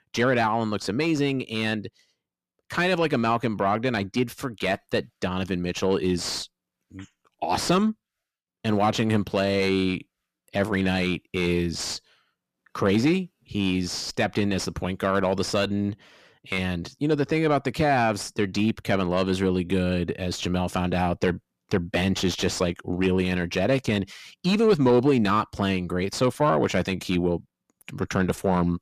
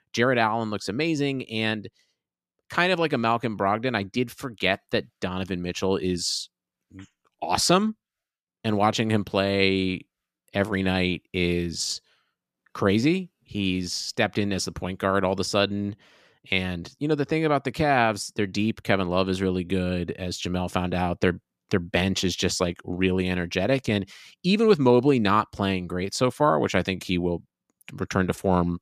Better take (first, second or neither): second